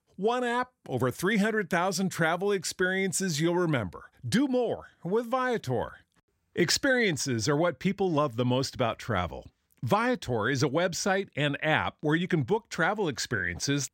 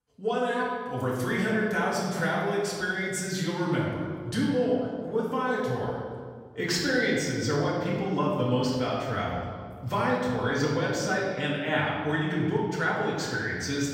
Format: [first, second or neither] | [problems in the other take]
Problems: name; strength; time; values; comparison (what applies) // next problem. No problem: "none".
first | room echo; noticeable; dies away in 1.6 s // off-mic speech; far